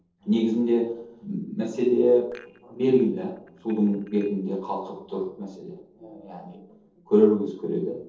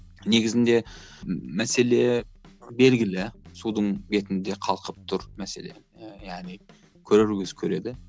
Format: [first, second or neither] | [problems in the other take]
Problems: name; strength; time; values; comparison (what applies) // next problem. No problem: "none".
second | noise reduction (neural separator model SepFormer DNS4)